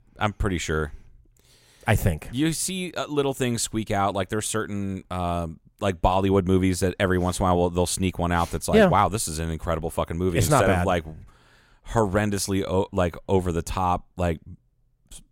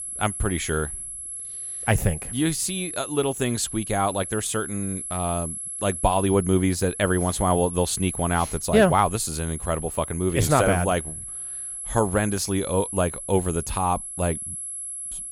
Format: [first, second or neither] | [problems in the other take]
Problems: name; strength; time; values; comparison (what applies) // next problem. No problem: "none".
first | high-pitched whine; loud; throughout; 11 kHz, 7 dB below the speech